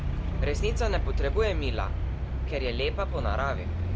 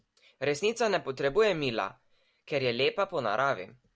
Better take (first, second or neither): second